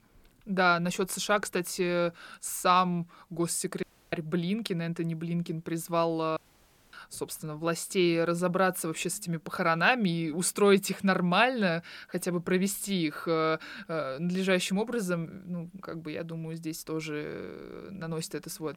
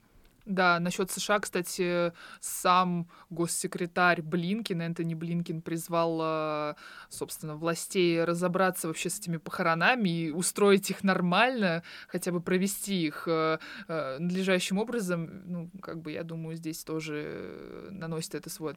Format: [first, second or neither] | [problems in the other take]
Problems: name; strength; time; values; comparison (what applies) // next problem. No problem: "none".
second | audio cutting out; at 4 s and at 6.5 s for 0.5 s